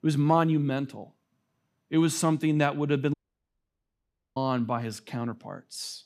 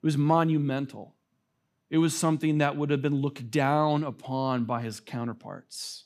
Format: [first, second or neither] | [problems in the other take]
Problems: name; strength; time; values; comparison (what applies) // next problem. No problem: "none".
second | audio cutting out; at 3 s for 1 s